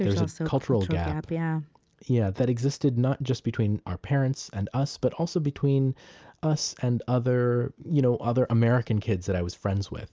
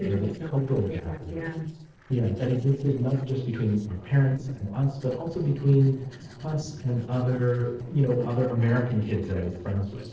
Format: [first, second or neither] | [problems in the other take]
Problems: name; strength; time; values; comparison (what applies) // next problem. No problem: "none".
first | noise reduction (neural separator model SepFormer DNS4)